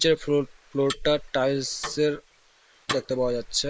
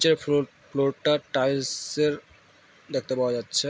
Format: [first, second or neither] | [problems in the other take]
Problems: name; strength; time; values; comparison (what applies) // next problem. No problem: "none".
second | noise reduction (neural mask model Resemble Enhance denoiser)